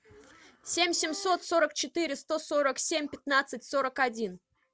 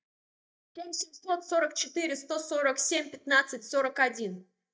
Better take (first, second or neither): first